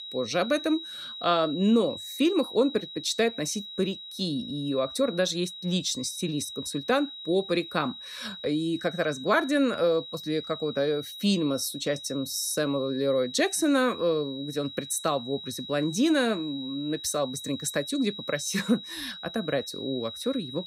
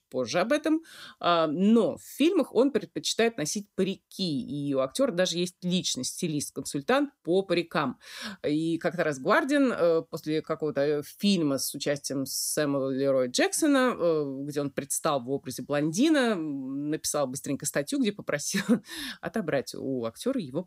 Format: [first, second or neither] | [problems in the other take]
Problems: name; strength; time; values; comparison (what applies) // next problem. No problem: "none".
second | high-pitched whine; noticeable; throughout; 4 kHz, 10 dB below the speech